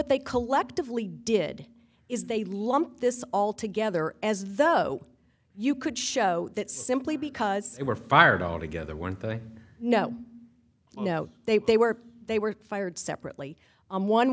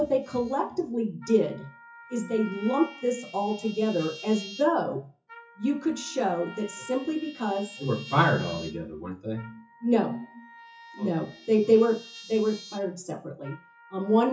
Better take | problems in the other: first | noise reduction (classical method WPE with log-MMSE)

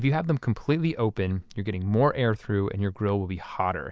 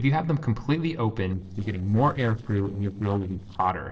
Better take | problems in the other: first | noise reduction (neural separator model SepFormer DNS4)

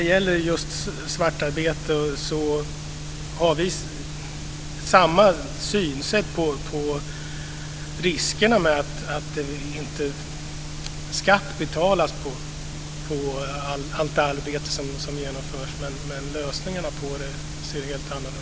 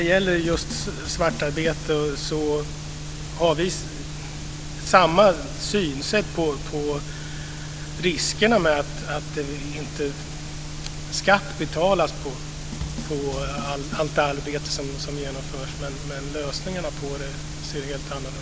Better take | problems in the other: first | background sound (Drum kit); 13 dB below the speech

